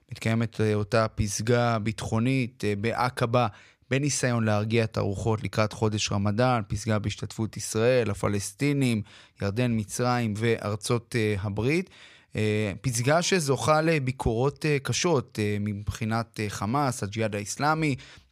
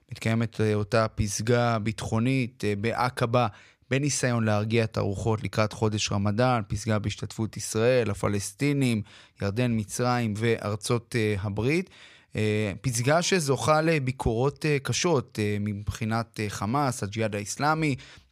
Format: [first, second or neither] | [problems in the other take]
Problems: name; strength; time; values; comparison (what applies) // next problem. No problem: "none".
neither | none